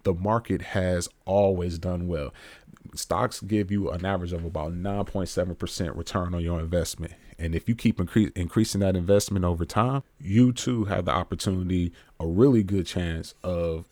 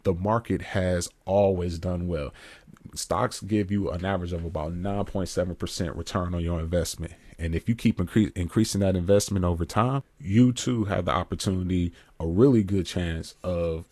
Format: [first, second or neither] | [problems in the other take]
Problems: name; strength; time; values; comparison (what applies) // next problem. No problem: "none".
first | garbled, watery; slightly; nothing above 12.5 kHz